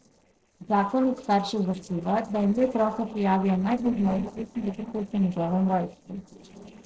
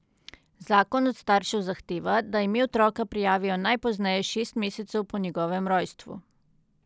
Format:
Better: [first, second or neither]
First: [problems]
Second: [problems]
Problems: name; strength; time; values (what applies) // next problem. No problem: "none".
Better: second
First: noise reduction (neural separator model SepFormer DNS4)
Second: none